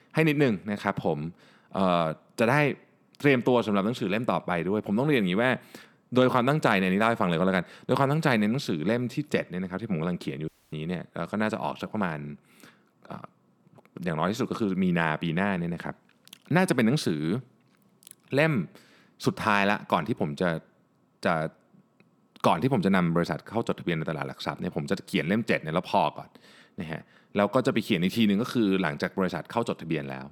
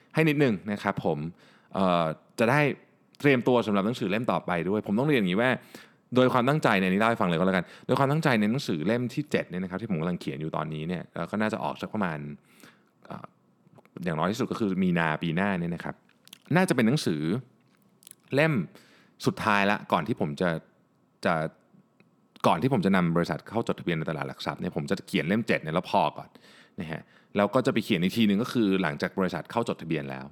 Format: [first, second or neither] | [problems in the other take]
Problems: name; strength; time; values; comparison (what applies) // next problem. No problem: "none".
second | audio cutting out; at 10 s